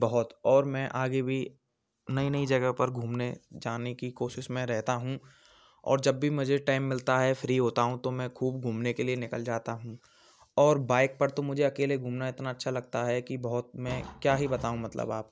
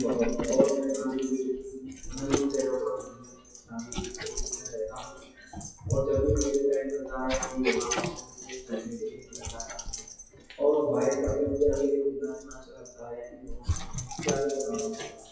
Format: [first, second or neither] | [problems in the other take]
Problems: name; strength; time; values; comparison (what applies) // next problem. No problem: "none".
first | noise reduction (classical method WPE with log-MMSE)